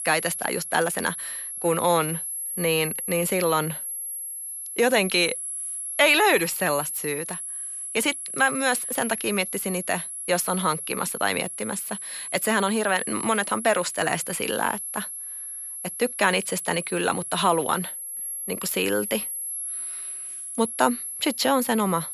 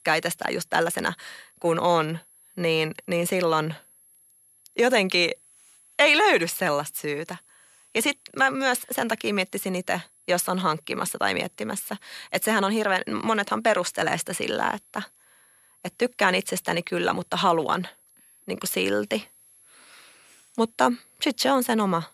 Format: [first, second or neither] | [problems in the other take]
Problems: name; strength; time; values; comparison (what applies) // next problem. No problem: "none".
second | high-pitched whine; loud; throughout; 11 kHz, 6 dB below the speech; faint in the second